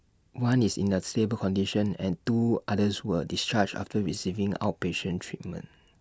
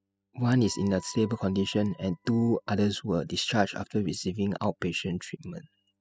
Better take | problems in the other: first | noise reduction (classical method spectral subtraction)

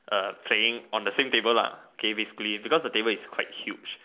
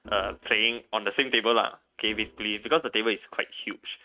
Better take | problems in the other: first | noise reduction (neural mask model RNNoise)

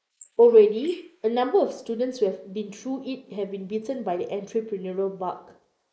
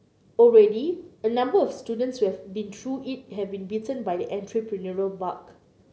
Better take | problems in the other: second | noise reduction (neural mask model Resemble Enhance denoiser)

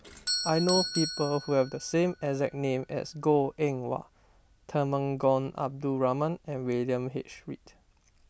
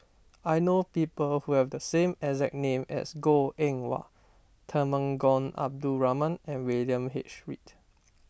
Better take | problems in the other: second | background sound (Doorbell); 11 dB below the speech

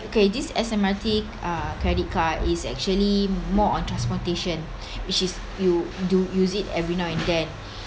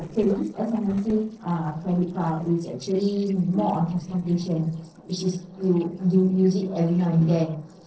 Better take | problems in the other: first | noise reduction (neural separator model SepFormer DNS4)

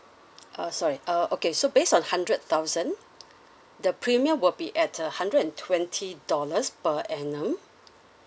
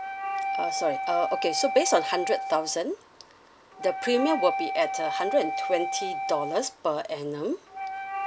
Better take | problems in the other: first | background sound (Wind instrument, woodwind instrument); 4 dB below the speech

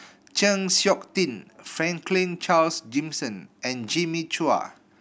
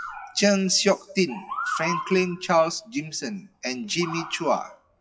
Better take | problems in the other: first | noise reduction (classical method WPE with log-MMSE)

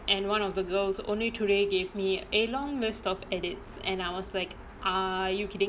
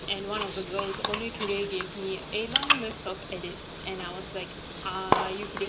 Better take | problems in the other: first | background sound (Bathtub (filling or washing) / Water); 2 dB above the speech

